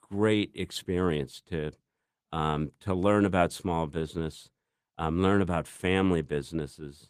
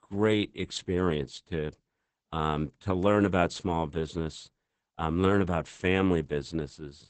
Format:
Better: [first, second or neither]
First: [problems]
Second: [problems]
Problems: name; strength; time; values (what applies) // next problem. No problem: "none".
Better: first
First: garbled, watery; slightly; nothing above 14.5 kHz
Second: garbled, watery; badly; nothing above 8 kHz